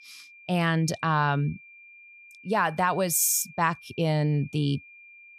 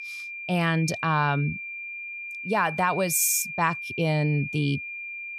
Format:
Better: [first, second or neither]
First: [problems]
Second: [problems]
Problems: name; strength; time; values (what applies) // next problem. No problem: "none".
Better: first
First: high-pitched whine; faint; throughout; 2.5 kHz, 20 dB below the speech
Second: high-pitched whine; loud; throughout; 2.5 kHz, 8 dB below the speech